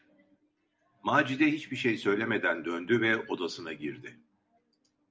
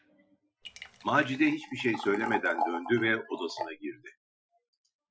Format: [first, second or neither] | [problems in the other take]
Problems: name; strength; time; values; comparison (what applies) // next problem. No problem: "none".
first | noise reduction (classical method Wiener filter)